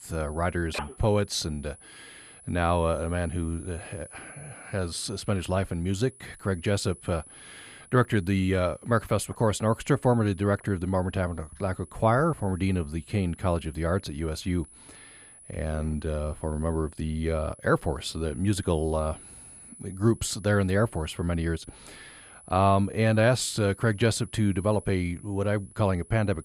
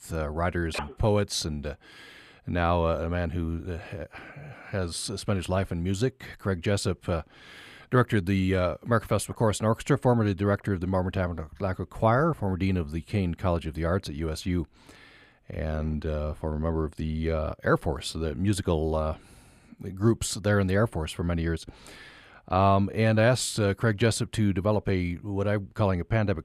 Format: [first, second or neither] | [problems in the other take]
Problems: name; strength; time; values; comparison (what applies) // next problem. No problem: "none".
second | high-pitched whine; faint; throughout; 10 kHz, 20 dB below the speech